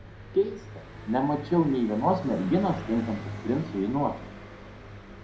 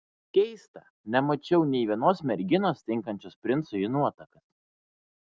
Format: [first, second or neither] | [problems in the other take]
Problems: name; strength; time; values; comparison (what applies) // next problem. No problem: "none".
second | background sound (Car passing by); 12 dB below the speech // room echo; dies away in 0.4 s